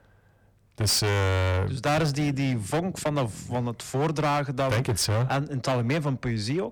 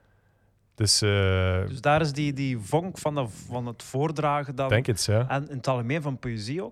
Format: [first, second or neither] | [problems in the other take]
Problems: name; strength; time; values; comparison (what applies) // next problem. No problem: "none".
second | distortion; heavy; 18% of the sound clipped